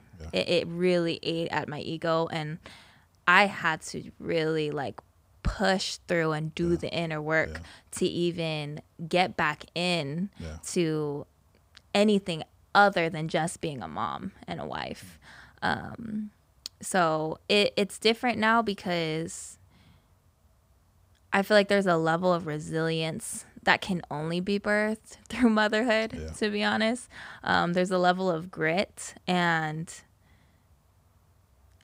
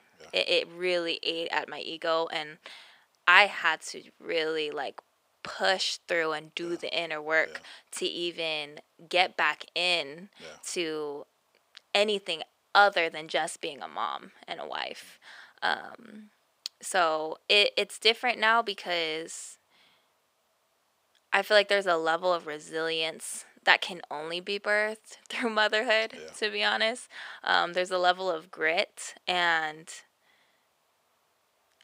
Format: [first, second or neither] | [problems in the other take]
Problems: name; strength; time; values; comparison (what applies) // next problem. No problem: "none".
first | thin; very; fading below 500 Hz